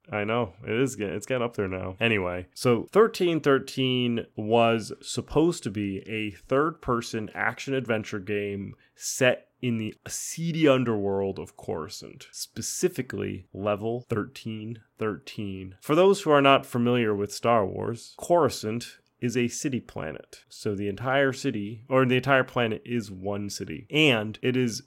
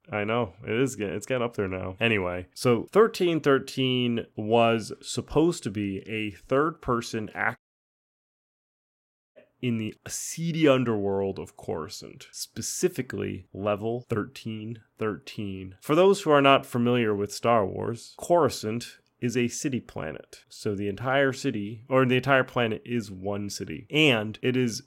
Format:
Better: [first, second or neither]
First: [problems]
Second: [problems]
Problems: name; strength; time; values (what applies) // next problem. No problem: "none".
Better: first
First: none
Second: audio cutting out; at 7.5 s for 2 s